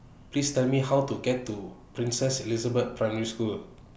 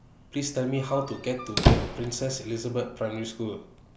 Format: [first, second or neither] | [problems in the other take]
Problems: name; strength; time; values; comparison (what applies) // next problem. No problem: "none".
first | background sound (Squeak); 4 dB above the speech